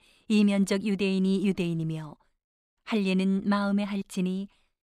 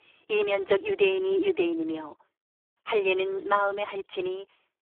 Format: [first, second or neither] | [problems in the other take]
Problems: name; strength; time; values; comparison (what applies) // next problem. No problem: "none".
first | phone-call audio; poor line; nothing above 3 kHz